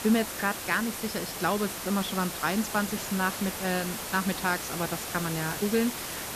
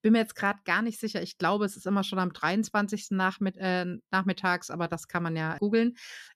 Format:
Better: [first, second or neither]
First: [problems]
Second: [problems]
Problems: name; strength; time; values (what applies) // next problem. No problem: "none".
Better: second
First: hiss; loud; throughout; 4 dB below the speech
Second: none